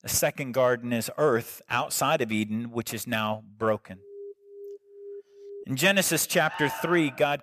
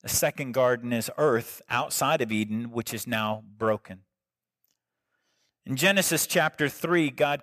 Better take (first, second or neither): second